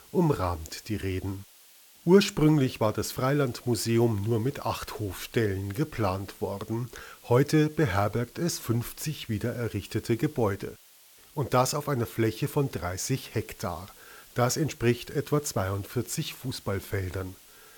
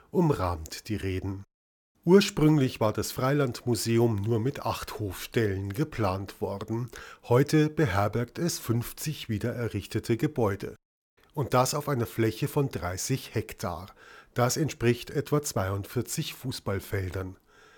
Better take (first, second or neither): second